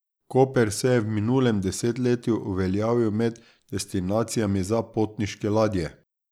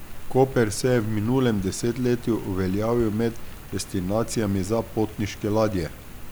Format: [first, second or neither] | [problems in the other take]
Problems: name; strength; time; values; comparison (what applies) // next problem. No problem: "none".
first | background sound (Rain); 11 dB below the speech